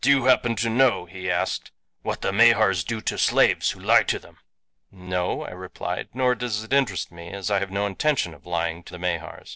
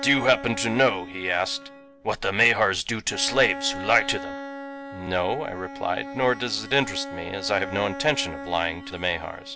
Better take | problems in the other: first | background sound (Bowed string instrument); 11 dB below the speech

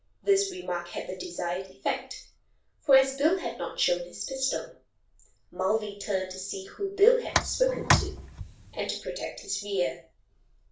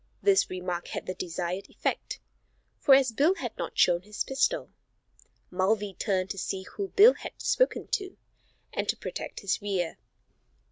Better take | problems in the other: second | background sound (Tick); as loud as the speech // room echo; dies away in 0.3 s

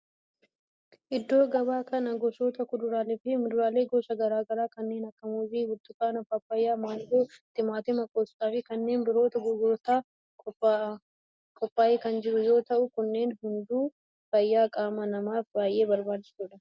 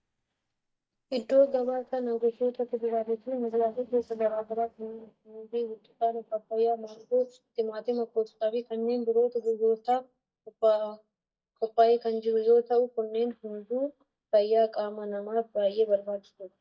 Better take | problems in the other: first | noise reduction (neural mask model DeepFilterNet 3)

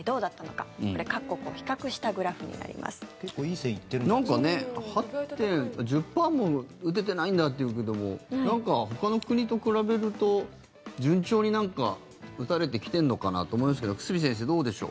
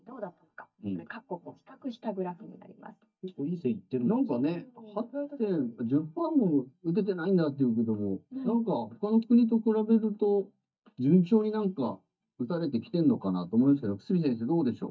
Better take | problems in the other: first | noise reduction (neural mask model DeepFilterNet 3)

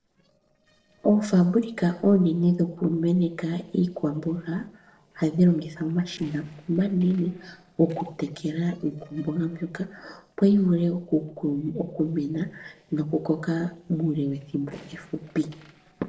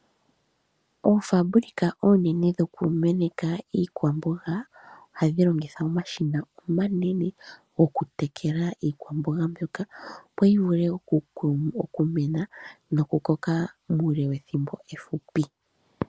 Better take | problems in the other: second | noise reduction (neural separator model SepFormer DNS4)

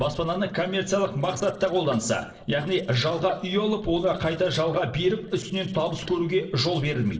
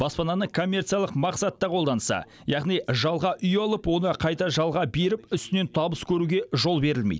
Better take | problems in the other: second | noise reduction (neural separator model SepFormer DNS4)

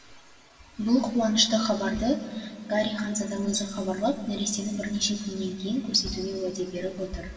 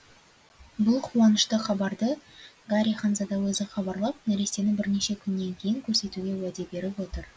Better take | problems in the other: second | background sound (Bass drum); 17 dB below the speech // room echo; dies away in 2.3 s

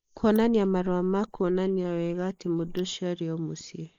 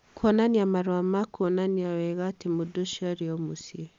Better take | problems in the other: second | noise reduction (neural mask model Resemble Enhance denoiser)

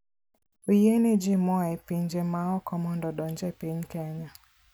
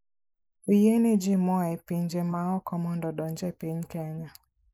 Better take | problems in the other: first | noise reduction (neural mask model Resemble Enhance denoiser)

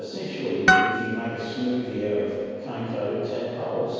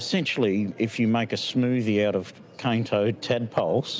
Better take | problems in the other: second | background sound (Harp); 3 dB above the speech // room echo; dies away in 2.2 s

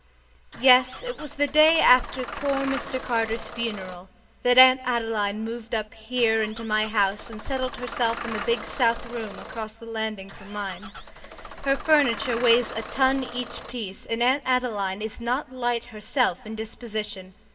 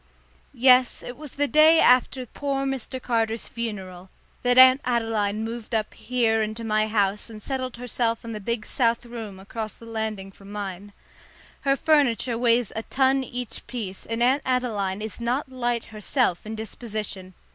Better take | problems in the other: second | background sound (Engine starting / Bus); 11 dB below the speech // room echo; dies away in 0.3 s

